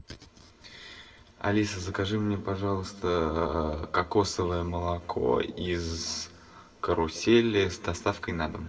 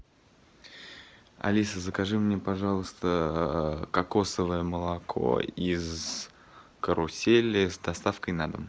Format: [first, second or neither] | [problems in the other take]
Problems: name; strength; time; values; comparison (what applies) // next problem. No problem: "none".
second | room echo; dies away in 1.9 s